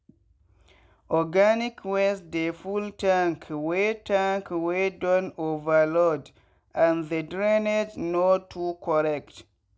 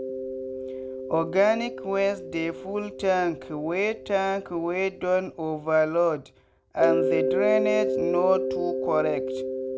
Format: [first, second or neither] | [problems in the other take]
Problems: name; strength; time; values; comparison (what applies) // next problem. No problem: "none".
first | background sound (Mallet percussion); 4 dB below the speech